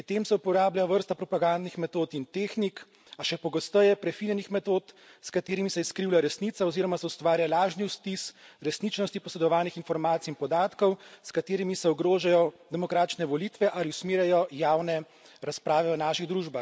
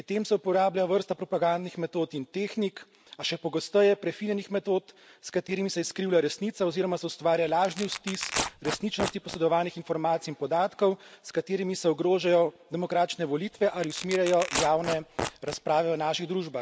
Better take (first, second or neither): first